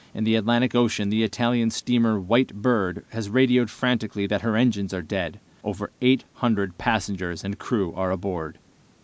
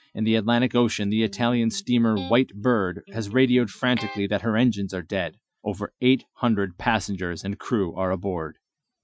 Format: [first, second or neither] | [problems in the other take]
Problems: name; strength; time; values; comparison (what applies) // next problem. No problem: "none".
first | noise reduction (classical method Wiener filter)